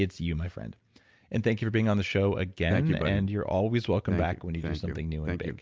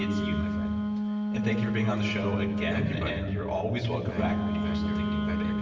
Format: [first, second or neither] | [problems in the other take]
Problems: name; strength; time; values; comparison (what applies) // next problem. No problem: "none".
first | background sound (Wind instrument, woodwind instrument); 1 dB above the speech // room echo; dies away in 1.3 s